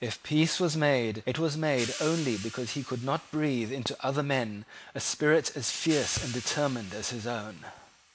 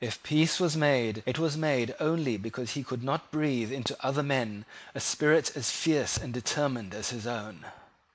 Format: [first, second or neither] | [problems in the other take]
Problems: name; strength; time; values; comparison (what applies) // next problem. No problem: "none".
second | background sound (Hi-hat); 15 dB below the speech